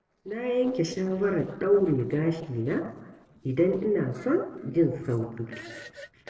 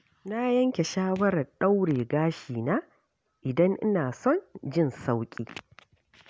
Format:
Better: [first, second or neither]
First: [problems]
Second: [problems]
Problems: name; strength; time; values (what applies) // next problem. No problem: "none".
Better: second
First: noise reduction (neural separator model SepFormer DNS4)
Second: none